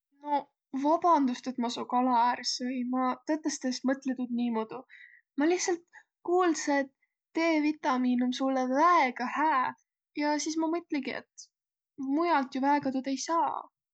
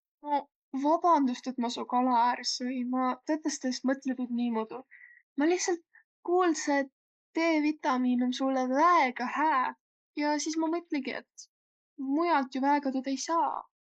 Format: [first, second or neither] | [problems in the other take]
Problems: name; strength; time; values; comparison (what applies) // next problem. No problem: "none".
first | noise reduction (neural mask model Resemble Enhance denoiser)